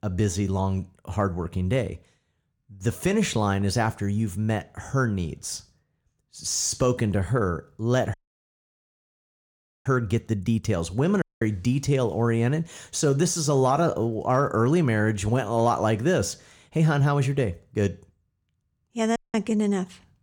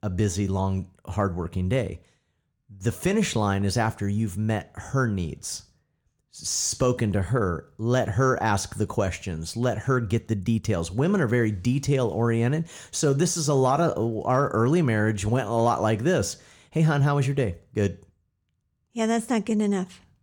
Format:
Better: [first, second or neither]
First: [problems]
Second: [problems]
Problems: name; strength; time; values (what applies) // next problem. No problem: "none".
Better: second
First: audio cutting out; at 8 s for 1.5 s, at 11 s and at 19 s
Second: none